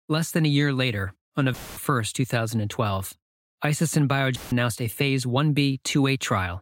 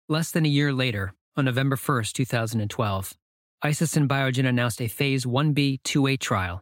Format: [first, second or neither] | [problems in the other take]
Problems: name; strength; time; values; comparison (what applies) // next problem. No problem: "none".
second | audio cutting out; filled with static; at 1.5 s and at 4.5 s